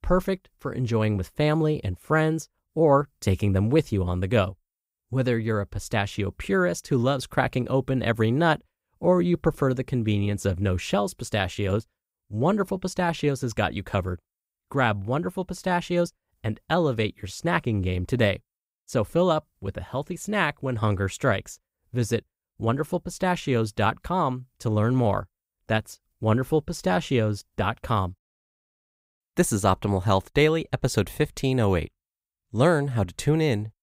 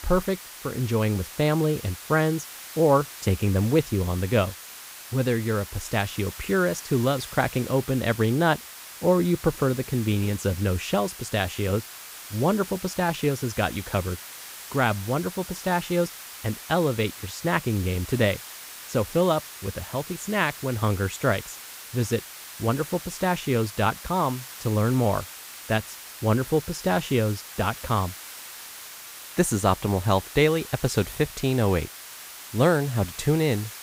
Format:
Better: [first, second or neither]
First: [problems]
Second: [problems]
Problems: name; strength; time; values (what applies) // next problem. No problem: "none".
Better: first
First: none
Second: hiss; noticeable; throughout; 15 dB below the speech